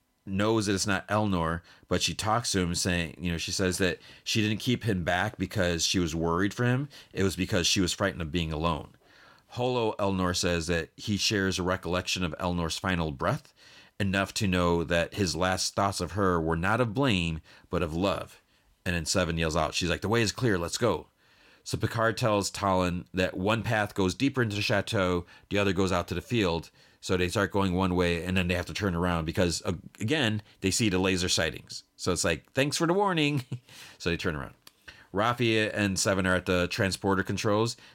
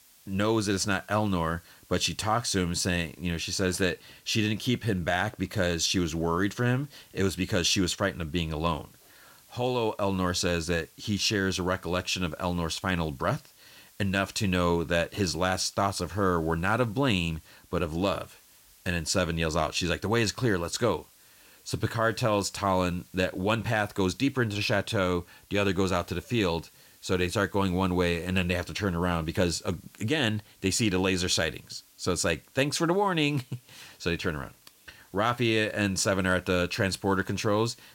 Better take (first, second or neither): first